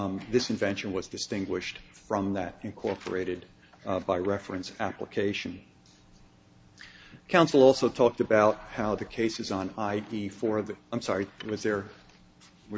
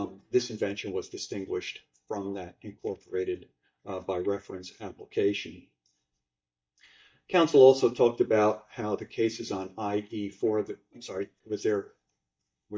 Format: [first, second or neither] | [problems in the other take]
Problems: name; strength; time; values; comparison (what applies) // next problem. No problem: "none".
first | noise reduction (neural mask model DeepFilterNet 3)